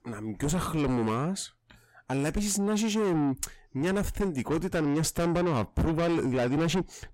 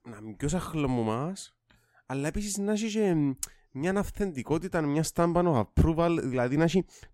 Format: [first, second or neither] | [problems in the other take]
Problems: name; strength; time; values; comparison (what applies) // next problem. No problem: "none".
second | distortion; heavy; 5 dB below the speech